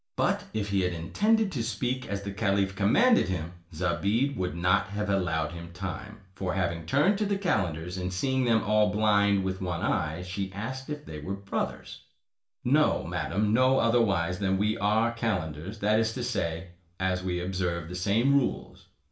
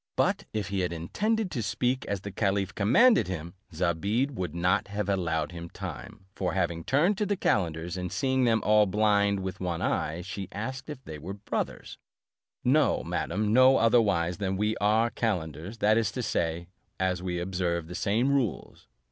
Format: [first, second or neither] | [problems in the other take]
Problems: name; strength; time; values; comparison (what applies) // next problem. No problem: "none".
second | room echo; dies away in 0.4 s